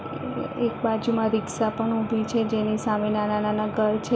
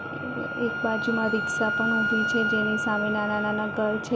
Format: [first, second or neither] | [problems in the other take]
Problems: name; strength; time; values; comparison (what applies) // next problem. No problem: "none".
first | background sound (Wind instrument, woodwind instrument); 1 dB below the speech